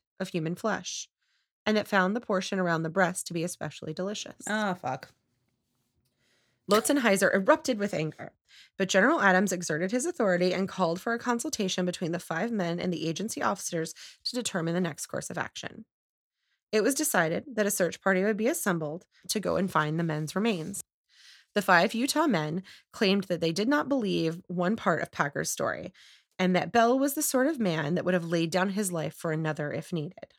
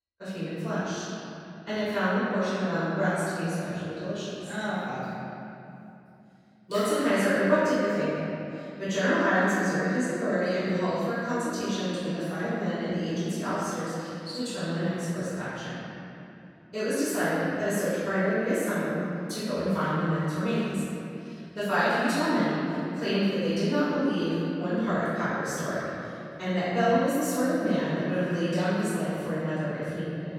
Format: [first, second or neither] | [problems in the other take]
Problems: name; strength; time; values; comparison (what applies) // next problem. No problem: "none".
first | off-mic speech; far // room echo; strong; dies away in 2.9 s